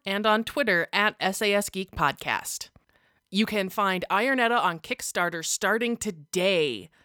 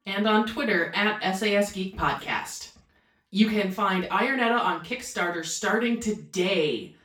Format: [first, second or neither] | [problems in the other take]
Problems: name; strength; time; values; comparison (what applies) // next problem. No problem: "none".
first | room echo; slight; dies away in 0.3 s // off-mic speech; far